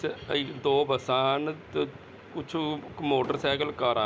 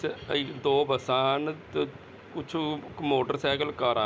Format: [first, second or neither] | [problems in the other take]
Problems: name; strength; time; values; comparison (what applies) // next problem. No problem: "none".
second | background sound (Explosion); 14 dB below the speech